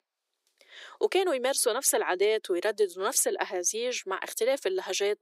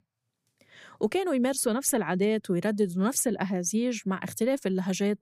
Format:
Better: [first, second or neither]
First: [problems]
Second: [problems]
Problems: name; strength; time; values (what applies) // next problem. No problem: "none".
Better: second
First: thin; very; fading below 350 Hz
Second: none